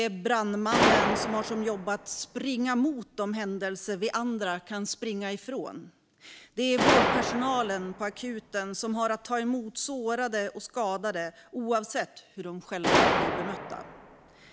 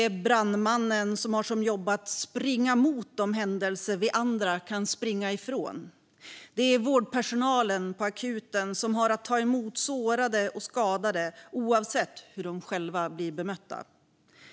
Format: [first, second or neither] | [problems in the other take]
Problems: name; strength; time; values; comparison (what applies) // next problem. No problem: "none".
second | background sound (Gunshot, gunfire); 1 dB below the speech